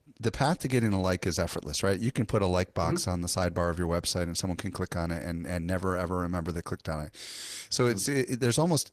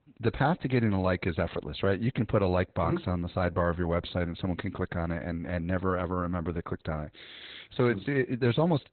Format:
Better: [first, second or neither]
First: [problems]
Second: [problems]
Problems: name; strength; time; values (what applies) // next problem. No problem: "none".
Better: first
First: garbled, watery; slightly; nothing above 14 kHz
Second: garbled, watery; badly; nothing above 4 kHz